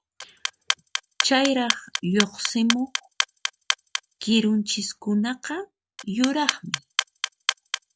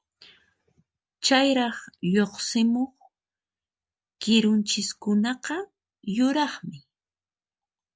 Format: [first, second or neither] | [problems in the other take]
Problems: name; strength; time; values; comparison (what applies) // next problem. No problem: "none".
second | background sound (Clock); 4 dB below the speech